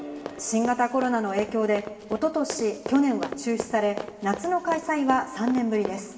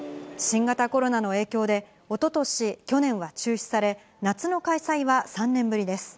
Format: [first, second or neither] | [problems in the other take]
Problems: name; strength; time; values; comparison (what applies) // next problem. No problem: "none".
second | background sound (Run); 12 dB below the speech // room echo; dies away in 1.7 s